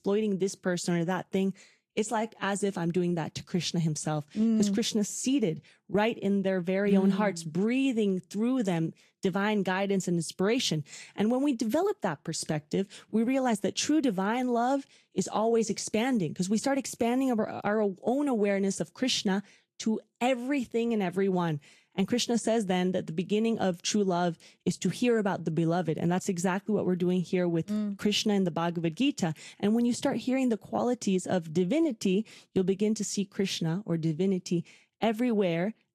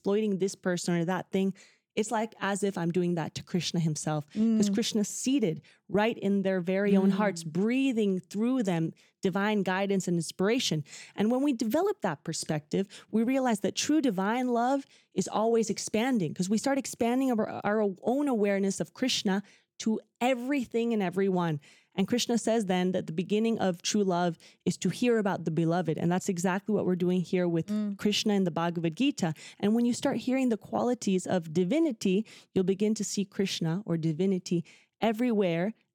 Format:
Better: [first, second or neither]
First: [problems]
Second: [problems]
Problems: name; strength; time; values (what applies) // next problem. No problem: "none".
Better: second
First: garbled, watery; slightly; nothing above 13 kHz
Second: none